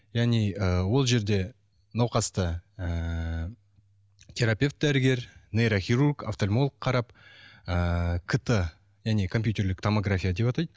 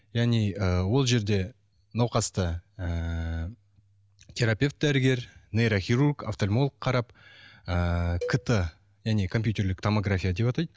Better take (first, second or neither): first